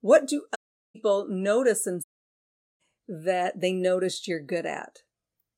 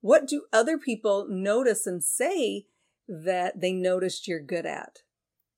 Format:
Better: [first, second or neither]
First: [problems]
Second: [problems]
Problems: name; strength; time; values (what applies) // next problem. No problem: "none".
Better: second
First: audio cutting out; at 0.5 s and at 2 s for 1 s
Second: none